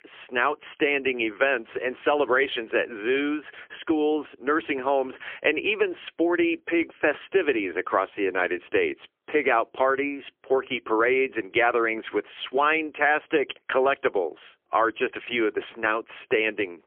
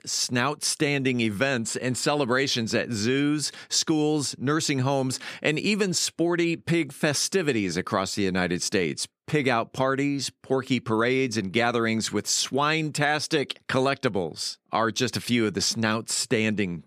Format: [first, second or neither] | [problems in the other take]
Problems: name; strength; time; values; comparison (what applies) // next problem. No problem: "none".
second | phone-call audio; poor line; nothing above 3 kHz